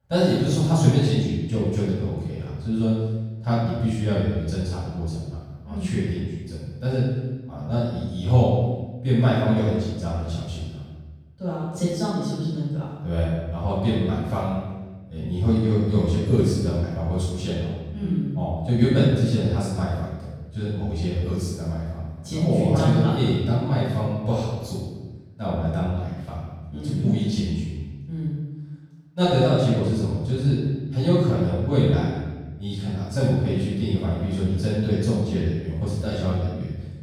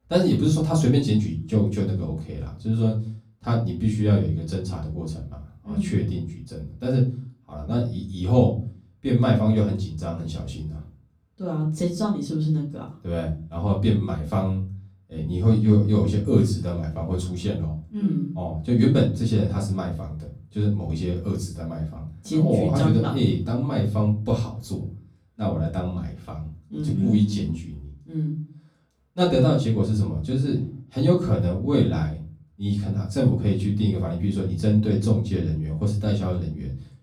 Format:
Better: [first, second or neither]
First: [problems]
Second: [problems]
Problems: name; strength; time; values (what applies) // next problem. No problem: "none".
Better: second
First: room echo; strong; dies away in 1.1 s // off-mic speech; far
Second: room echo; slight; dies away in 0.4 s // off-mic speech; far